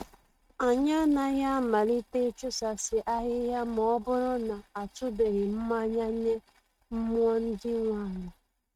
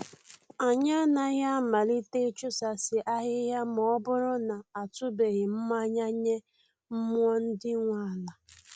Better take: second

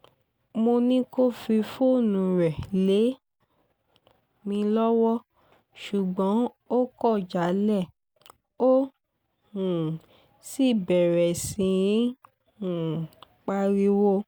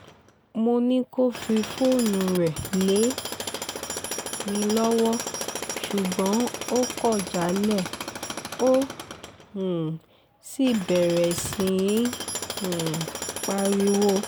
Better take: first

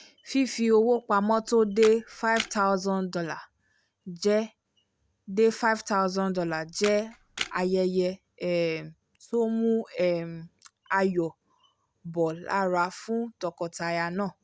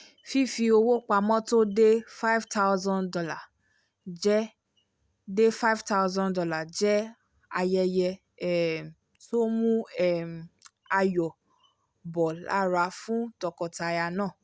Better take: second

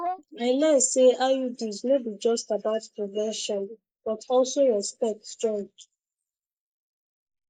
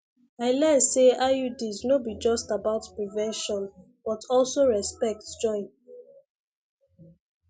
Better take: second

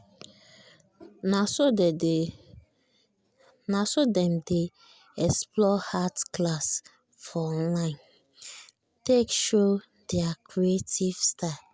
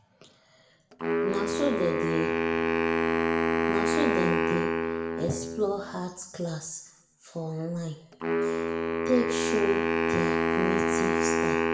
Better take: first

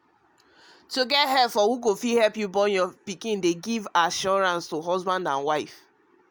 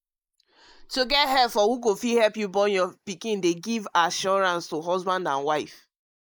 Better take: first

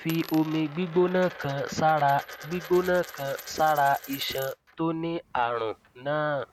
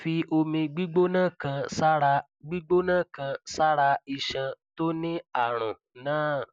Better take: second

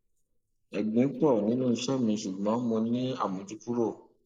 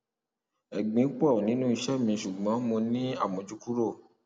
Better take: second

